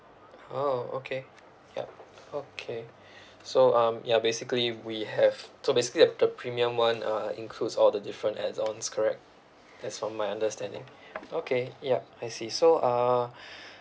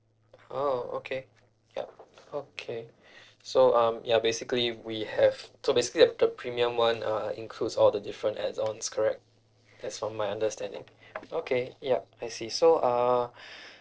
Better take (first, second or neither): first